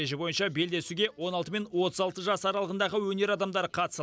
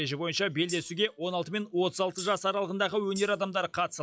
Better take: first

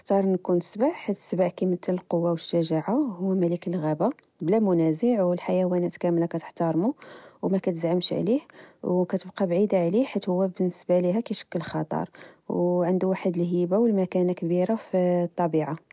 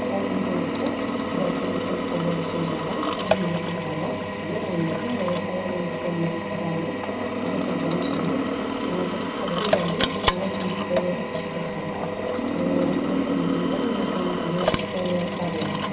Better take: first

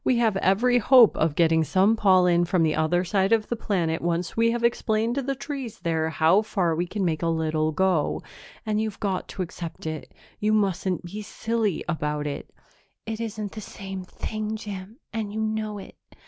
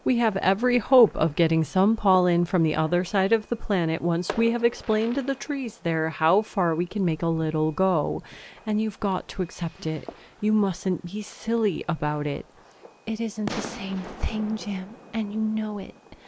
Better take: first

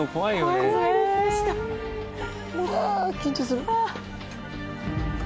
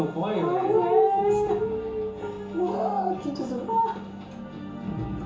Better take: first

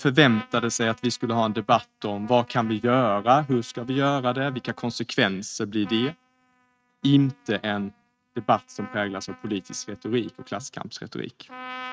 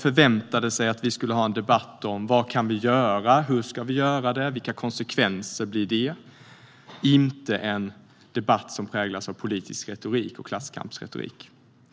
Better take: second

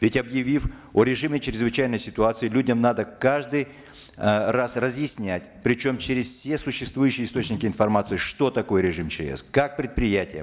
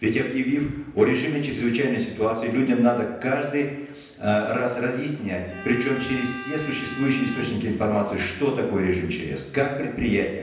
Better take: first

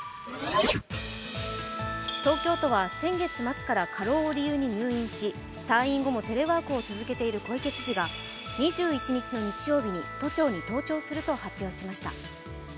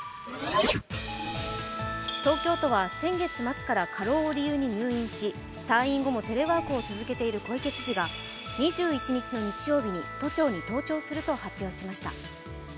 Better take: first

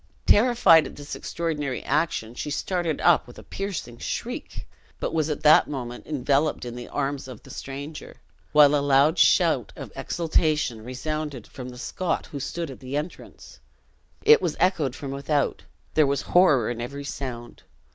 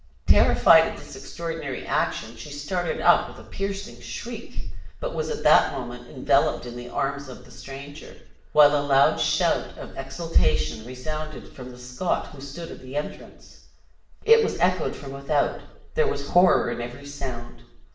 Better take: first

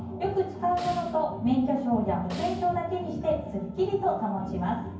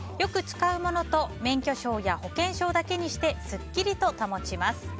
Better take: second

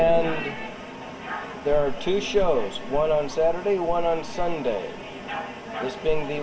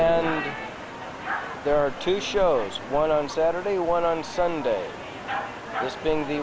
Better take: second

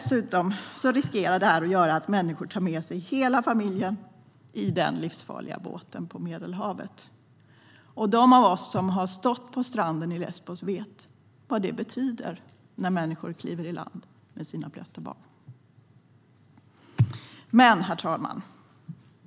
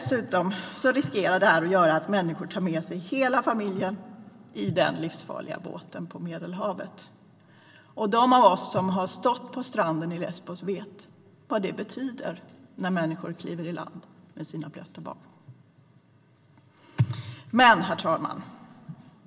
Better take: first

